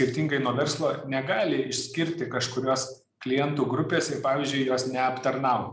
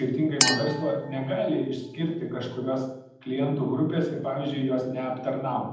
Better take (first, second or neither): first